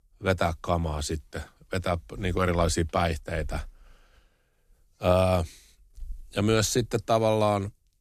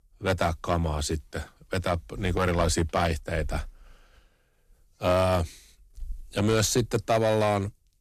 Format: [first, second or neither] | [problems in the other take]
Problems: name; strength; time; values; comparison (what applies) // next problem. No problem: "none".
first | distortion; slight; 4% of the sound clipped